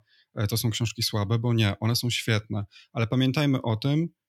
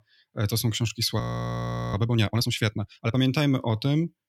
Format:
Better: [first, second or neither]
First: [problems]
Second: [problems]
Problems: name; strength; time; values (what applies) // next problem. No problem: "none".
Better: first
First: none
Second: audio freezing; at 1 s for 0.5 s